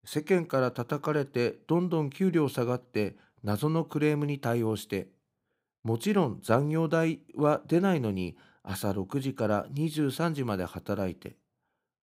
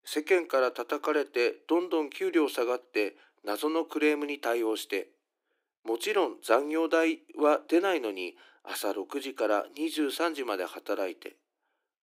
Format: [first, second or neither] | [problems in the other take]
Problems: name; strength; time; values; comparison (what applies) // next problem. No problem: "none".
first | thin; somewhat; fading below 300 Hz